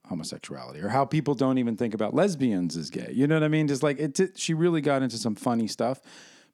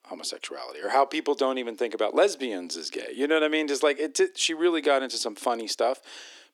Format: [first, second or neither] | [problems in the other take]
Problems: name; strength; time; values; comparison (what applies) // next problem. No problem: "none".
first | thin; somewhat; fading below 350 Hz